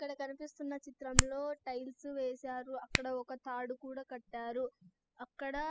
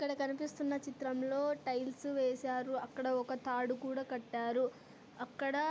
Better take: second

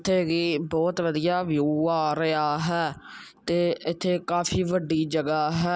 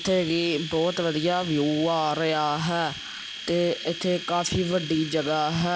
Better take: first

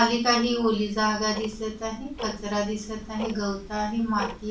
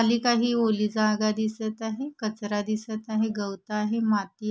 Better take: second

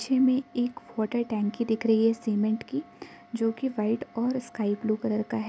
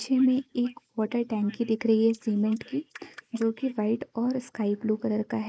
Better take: first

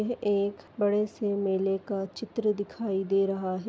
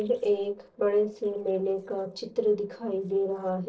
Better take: first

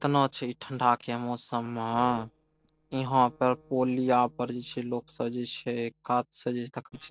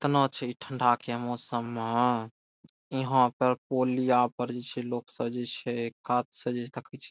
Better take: second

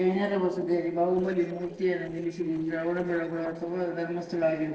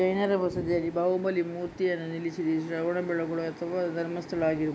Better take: second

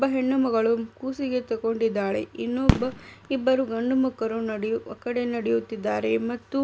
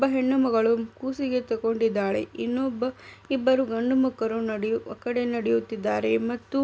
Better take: second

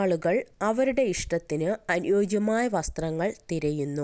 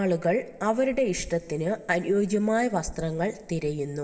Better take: first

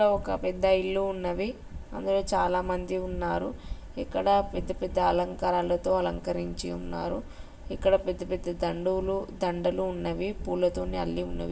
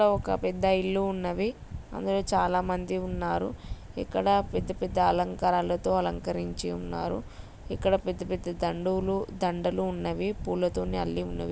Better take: second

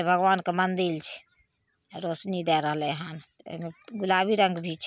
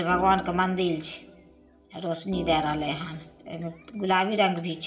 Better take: first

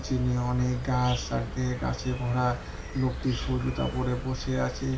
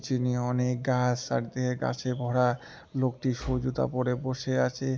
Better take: second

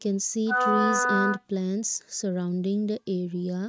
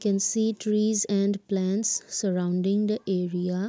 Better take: second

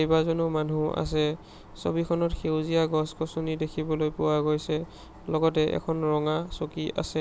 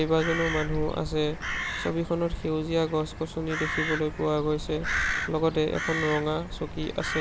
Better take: first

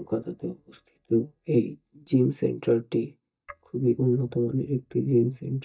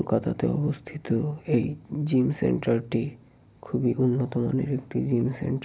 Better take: second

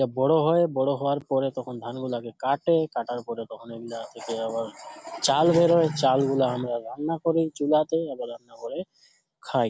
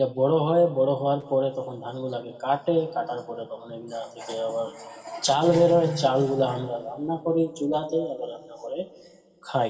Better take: first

